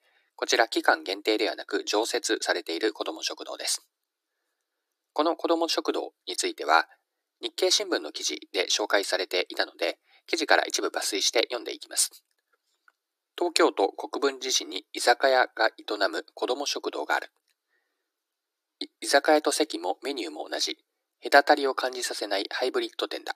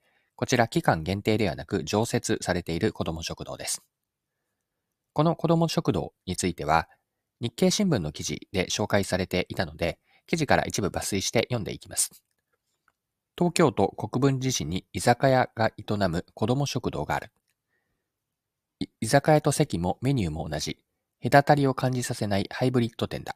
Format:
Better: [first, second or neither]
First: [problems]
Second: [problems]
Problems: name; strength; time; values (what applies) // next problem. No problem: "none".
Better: second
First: thin; very; fading below 300 Hz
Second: none